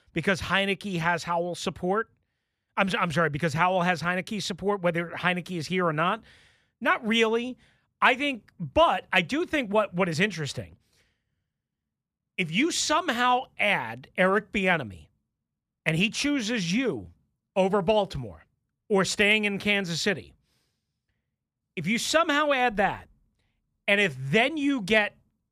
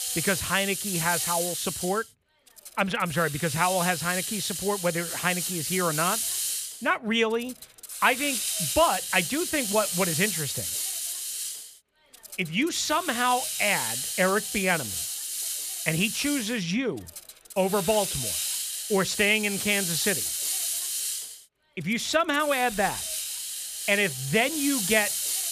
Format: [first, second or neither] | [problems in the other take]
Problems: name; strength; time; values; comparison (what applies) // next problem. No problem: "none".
first | hiss; loud; throughout; 2 dB below the speech